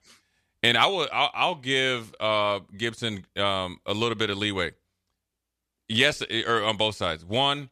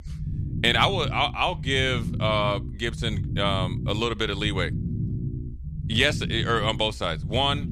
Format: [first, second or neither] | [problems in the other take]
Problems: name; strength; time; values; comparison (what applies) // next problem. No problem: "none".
first | low rumble; noticeable; throughout; 15 dB below the speech